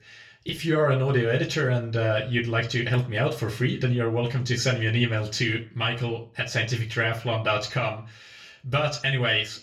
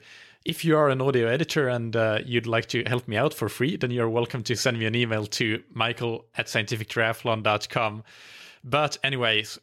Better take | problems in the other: second | room echo; very slight; dies away in 0.3 s // off-mic speech; far

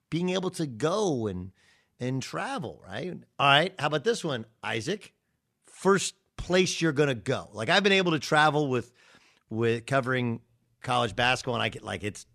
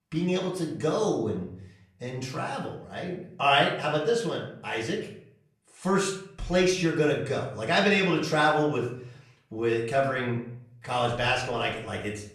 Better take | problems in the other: first | room echo; slight; dies away in 0.5 s // off-mic speech; far

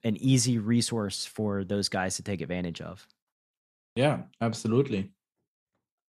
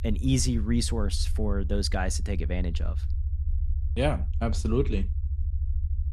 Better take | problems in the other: first | low rumble; noticeable; throughout; 15 dB below the speech

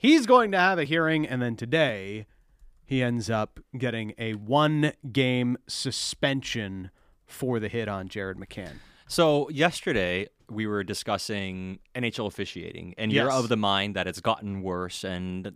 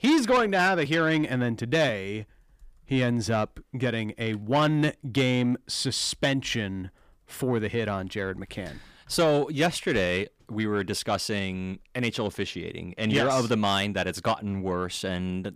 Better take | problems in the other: first | distortion; slight; 10 dB below the speech

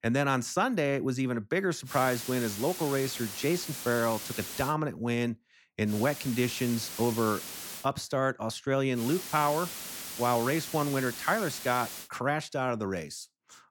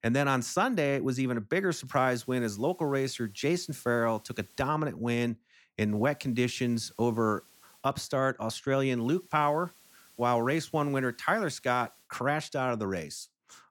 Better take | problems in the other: second | hiss; loud; from 2 to 4.5 s, from 6 to 8 s and from 9 to 12 s; 8 dB below the speech; faint in the second

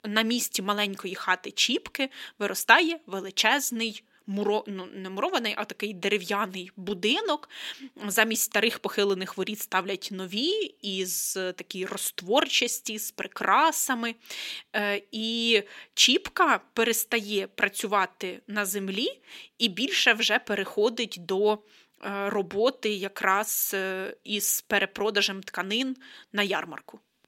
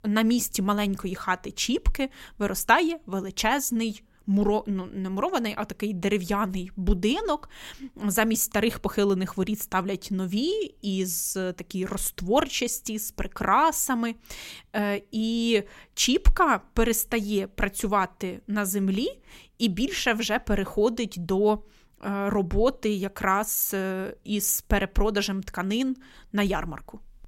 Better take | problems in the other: second | thin; very slightly; fading below 300 Hz

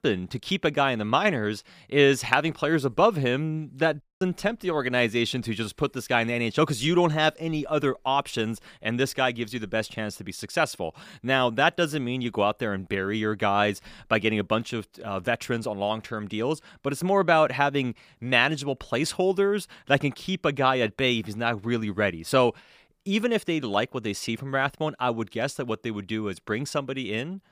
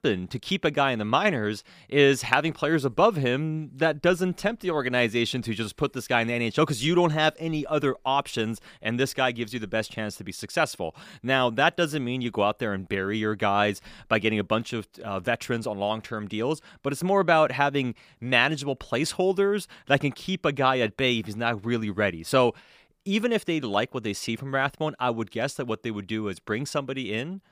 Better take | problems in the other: second | audio cutting out; at 4 s

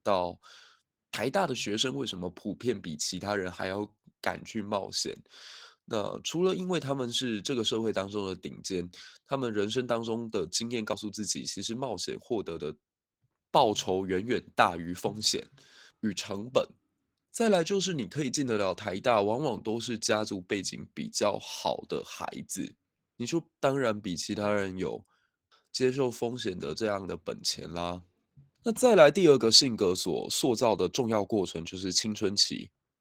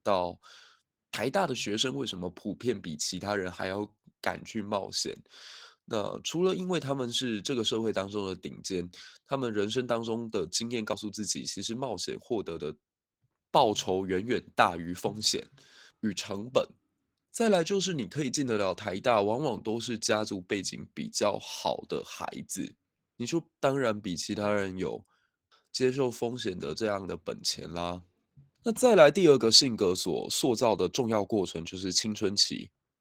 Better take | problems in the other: neither | garbled, watery; slightly; nothing above 19 kHz; the same in both

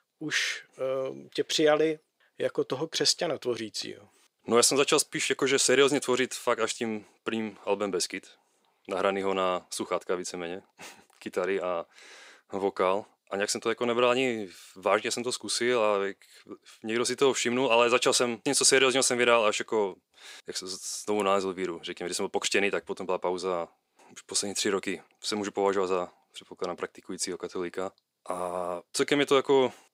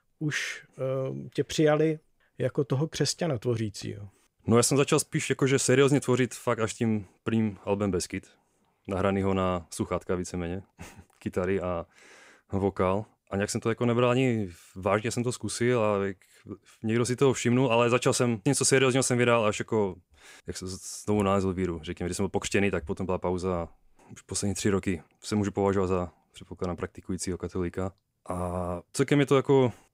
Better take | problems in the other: second | thin; somewhat; fading below 350 Hz

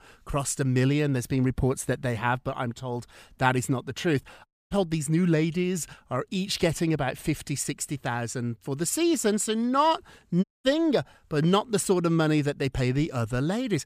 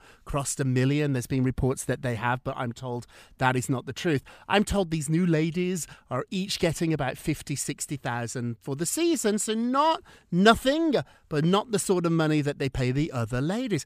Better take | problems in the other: second | audio cutting out; at 4.5 s and at 10 s

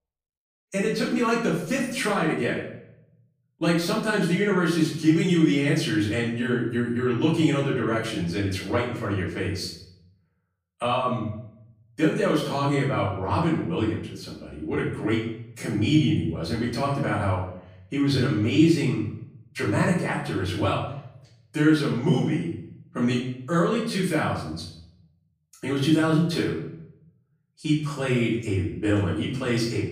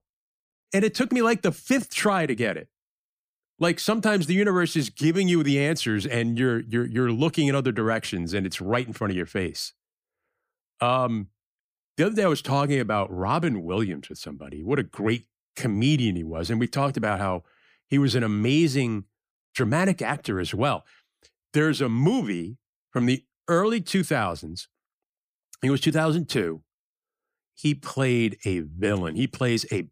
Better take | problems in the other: second | off-mic speech; far // room echo; noticeable; dies away in 0.6 s

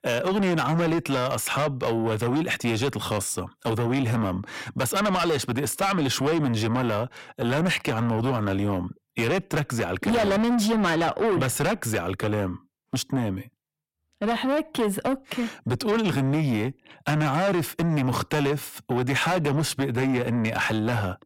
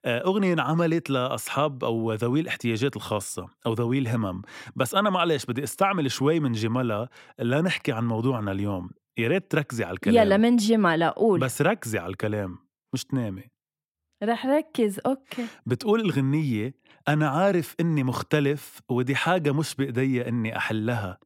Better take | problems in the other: second | distortion; heavy; 7 dB below the speech

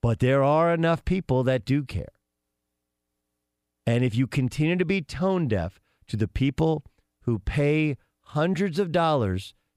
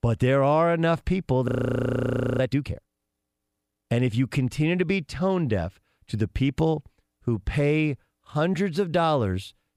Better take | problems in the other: first | audio freezing; at 1.5 s for 1 s

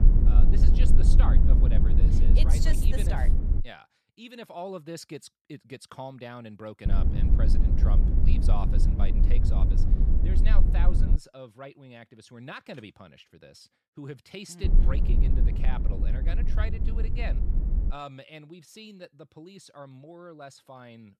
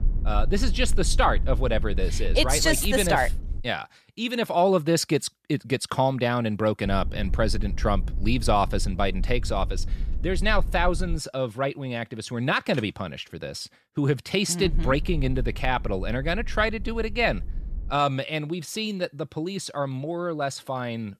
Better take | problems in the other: second | low rumble; loud; until 3.5 s, from 7 to 11 s and from 15 to 18 s; as loud as the speech; faint in the second

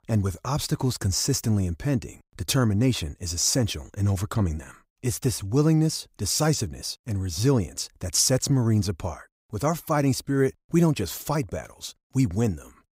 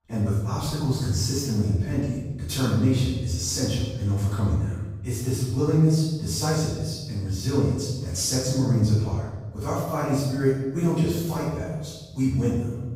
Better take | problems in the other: first | room echo; strong; dies away in 1.2 s // off-mic speech; far

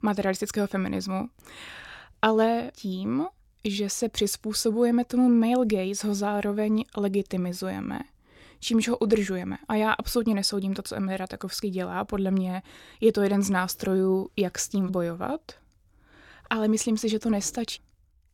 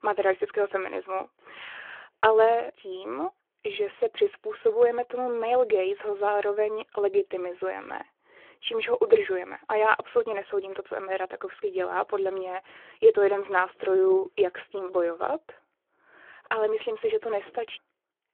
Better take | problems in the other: first | phone-call audio

